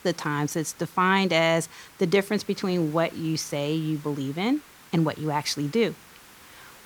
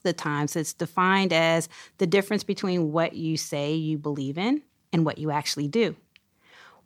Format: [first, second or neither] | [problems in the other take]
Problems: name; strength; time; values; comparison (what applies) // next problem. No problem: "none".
second | hiss; faint; throughout; 20 dB below the speech